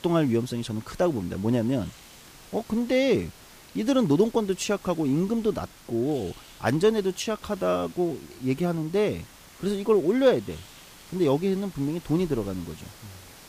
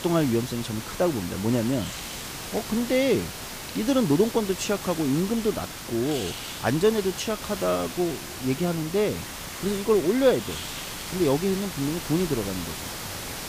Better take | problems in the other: first | hiss; loud; throughout; 8 dB below the speech; faint in the first

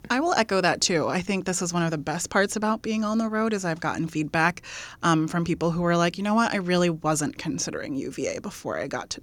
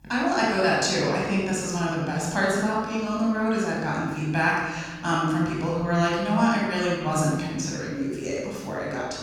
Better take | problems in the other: first | off-mic speech; far // room echo; strong; dies away in 1.2 s

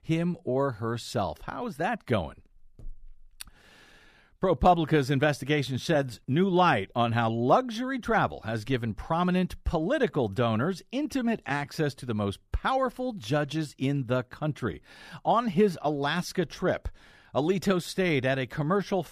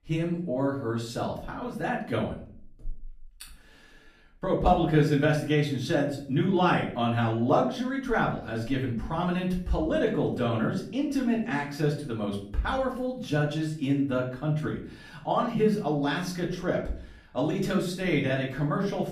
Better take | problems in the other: first | off-mic speech; far // room echo; slight; dies away in 0.4 s

